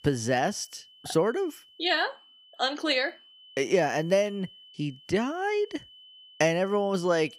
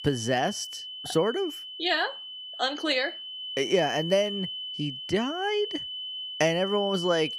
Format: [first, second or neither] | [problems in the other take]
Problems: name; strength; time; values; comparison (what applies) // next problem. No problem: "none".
first | high-pitched whine; loud; throughout; 3 kHz, 7 dB below the speech; faint in the first